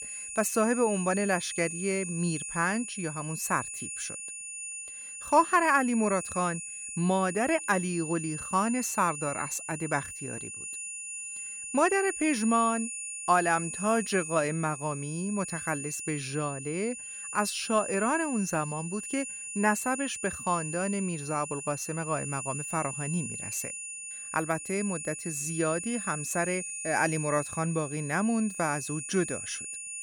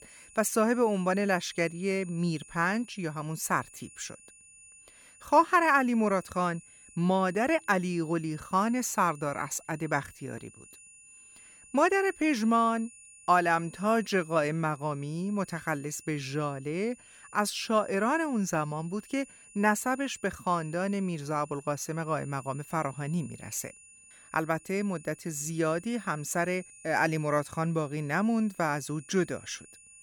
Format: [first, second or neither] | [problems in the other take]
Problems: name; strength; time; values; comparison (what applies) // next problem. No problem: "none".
second | high-pitched whine; loud; throughout; 9.5 kHz, 6 dB below the speech; faint in the second